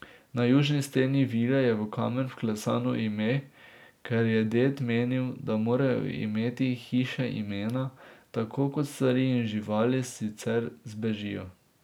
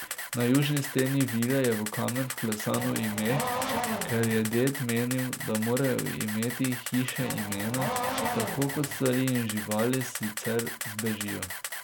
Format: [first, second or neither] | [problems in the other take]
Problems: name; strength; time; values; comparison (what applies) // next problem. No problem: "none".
first | background sound (Race car, auto racing / Accelerating, revving, vroom + Camera); 5 dB below the speech